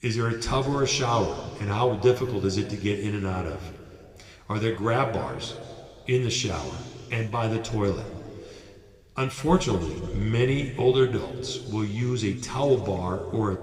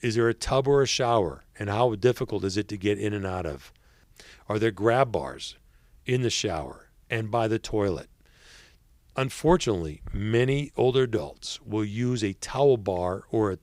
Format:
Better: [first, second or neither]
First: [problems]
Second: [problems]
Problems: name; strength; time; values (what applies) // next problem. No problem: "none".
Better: second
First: room echo; slight; dies away in 2 s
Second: none